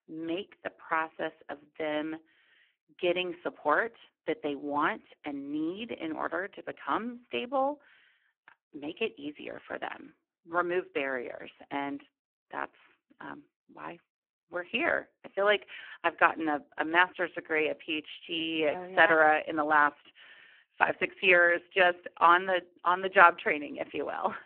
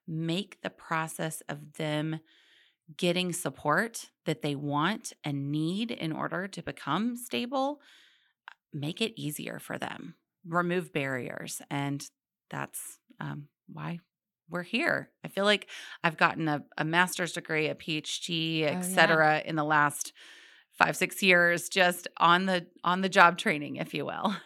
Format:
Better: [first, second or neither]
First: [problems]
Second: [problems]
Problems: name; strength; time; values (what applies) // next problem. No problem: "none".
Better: second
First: phone-call audio; poor line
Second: none